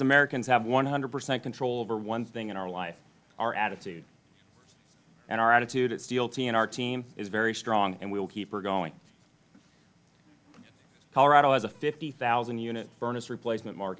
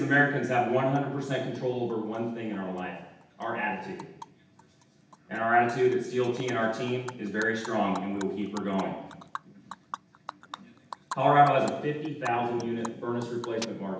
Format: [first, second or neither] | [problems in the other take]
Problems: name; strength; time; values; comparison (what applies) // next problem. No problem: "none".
first | background sound (Animal); 17 dB below the speech // room echo; dies away in 0.9 s